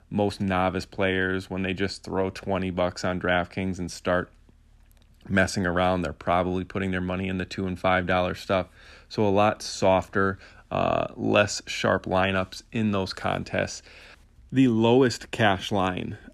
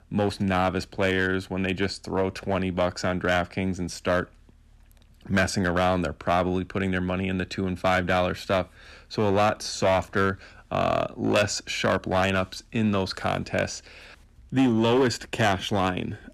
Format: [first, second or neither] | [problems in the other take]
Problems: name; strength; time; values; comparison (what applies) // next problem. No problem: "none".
first | distortion; slight; 4% of the sound clipped